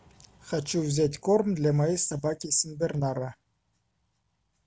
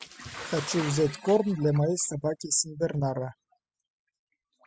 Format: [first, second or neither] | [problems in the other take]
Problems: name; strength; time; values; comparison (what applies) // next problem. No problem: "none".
first | noise reduction (classical method spectral subtraction)